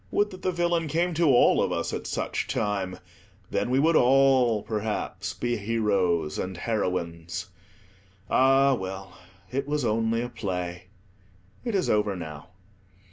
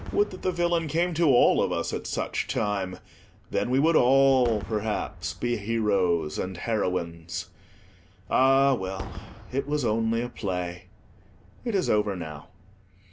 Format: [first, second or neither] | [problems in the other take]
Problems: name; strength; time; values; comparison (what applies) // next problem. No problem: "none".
first | background sound (Fireworks); 19 dB below the speech